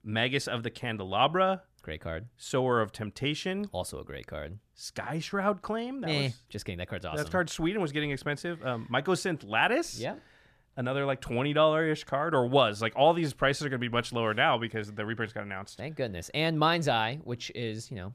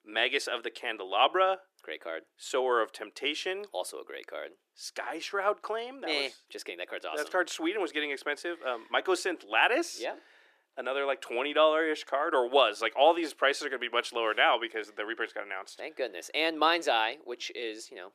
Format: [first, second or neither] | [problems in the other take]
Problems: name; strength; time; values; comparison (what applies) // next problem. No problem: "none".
first | thin; very; fading below 350 Hz